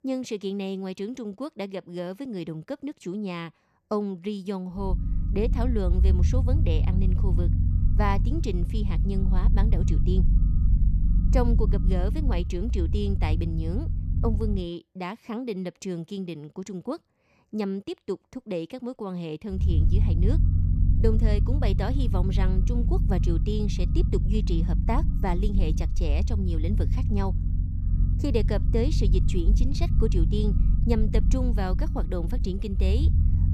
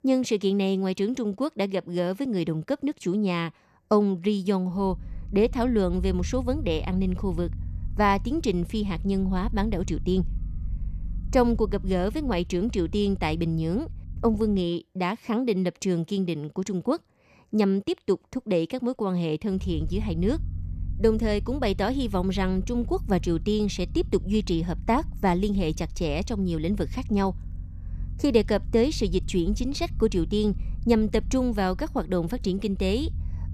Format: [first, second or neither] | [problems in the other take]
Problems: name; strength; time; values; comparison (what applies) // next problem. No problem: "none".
second | low rumble; loud; from 5 to 15 s and from 20 s on; 7 dB below the speech; faint in the second